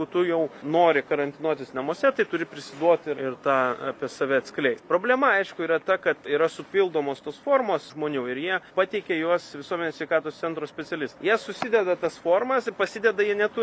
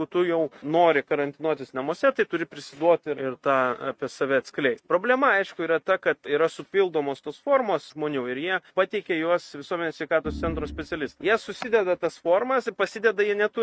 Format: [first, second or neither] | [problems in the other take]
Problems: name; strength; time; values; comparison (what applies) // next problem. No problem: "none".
first | noise reduction (neural mask model RNNoise)